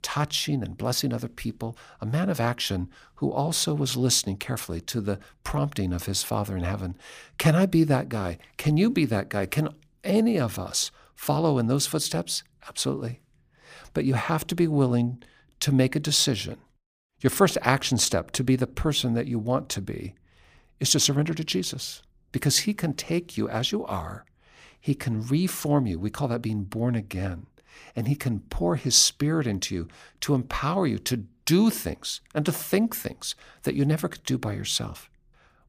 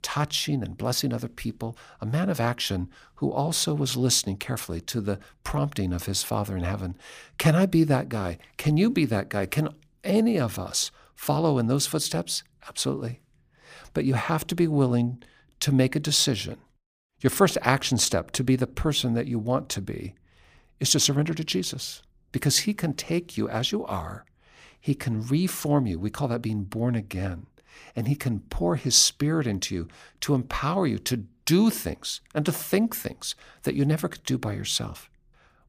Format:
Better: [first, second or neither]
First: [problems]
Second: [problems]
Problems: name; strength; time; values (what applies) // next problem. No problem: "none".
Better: neither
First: none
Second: none